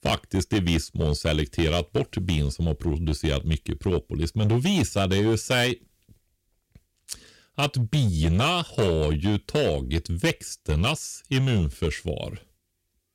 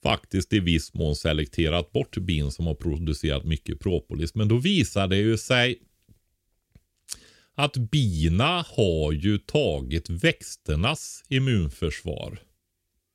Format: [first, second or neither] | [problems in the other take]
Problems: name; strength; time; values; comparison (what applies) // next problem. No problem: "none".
second | distortion; slight; 7% of the sound clipped